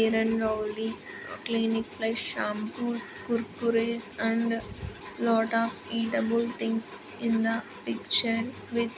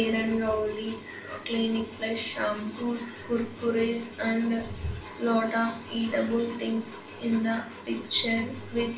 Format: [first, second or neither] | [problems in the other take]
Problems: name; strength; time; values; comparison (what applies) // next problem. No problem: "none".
first | room echo; dies away in 0.3 s